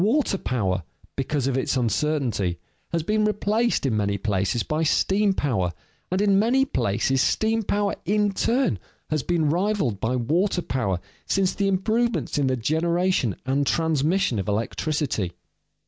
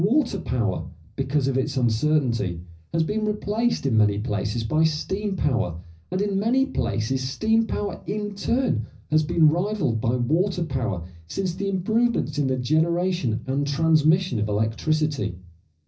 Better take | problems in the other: first | room echo; dies away in 0.4 s

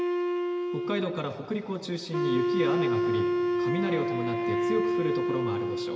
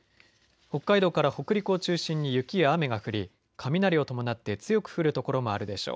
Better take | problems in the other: second | background sound (Wind instrument, woodwind instrument); 5 dB above the speech // room echo; dies away in 2.3 s

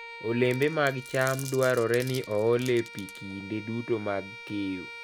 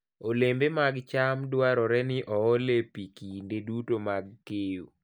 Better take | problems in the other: second | background sound (Bowed string instrument + Glass); 14 dB below the speech

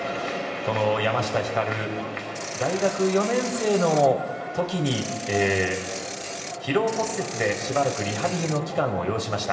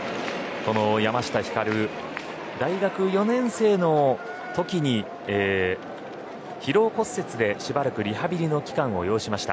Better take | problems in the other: second | background sound (Ratchet, pawl / Percussion); 12 dB below the speech // room echo; dies away in 2 s

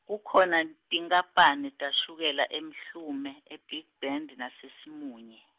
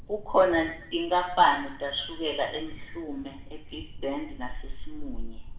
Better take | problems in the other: first | background sound (Thunder); 8 dB below the speech // room echo; dies away in 0.8 s

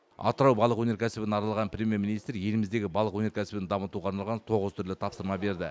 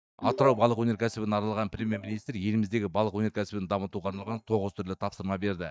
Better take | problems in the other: first | noise reduction (neural mask model DeepFilterNet 3)

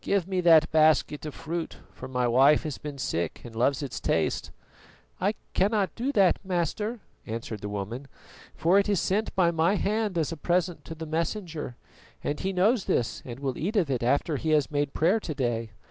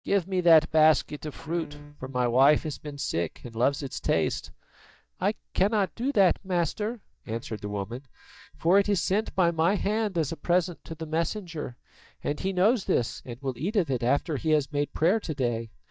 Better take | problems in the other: first | noise reduction (neural mask model DeepFilterNet 3)

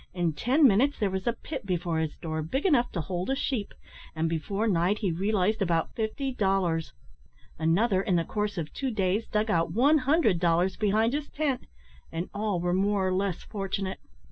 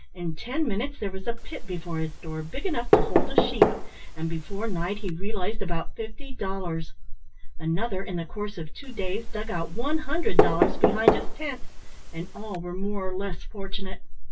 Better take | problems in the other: first | background sound (Knock); 4 dB below the speech // room echo; dies away in 0.1 s

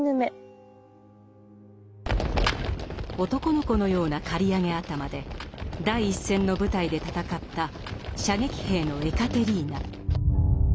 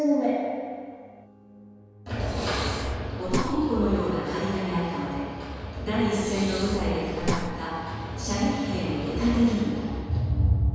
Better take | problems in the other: first | background sound (Breathing); 7 dB below the speech // room echo; dies away in 1.9 s

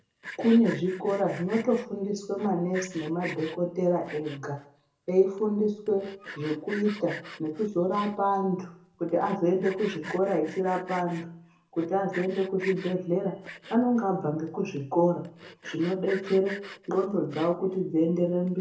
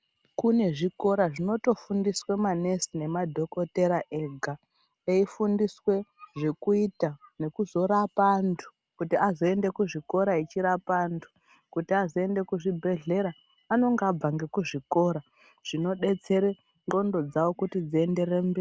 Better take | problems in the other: second | background sound (Sawing); 17 dB below the speech // room echo; dies away in 0.6 s

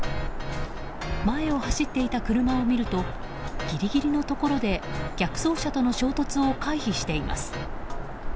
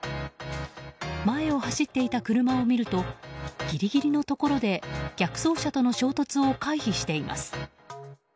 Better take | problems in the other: second | background sound (Bird vocalization, bird call, bird song); 4 dB below the speech

